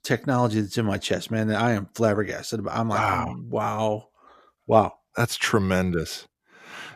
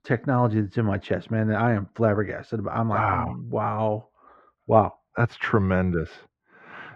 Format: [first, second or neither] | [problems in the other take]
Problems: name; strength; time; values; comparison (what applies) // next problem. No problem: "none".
first | muffled; very; fading above 1.5 kHz